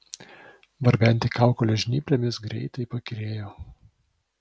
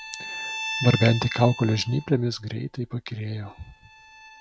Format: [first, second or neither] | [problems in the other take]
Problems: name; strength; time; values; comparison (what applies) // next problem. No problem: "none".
first | background sound (Bowed string instrument); 11 dB below the speech